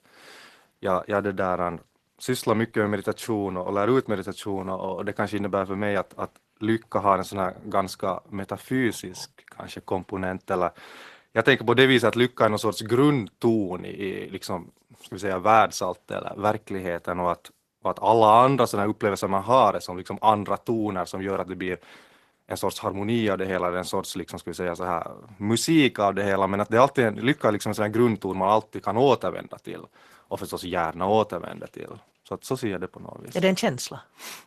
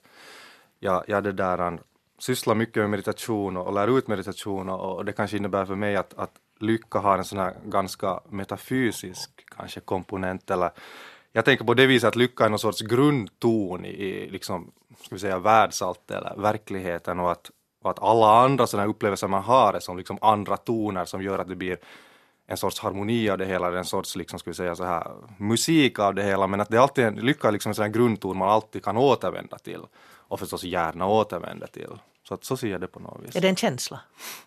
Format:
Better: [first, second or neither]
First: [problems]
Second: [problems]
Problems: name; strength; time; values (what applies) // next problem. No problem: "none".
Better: second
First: garbled, watery; slightly; nothing above 13.5 kHz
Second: none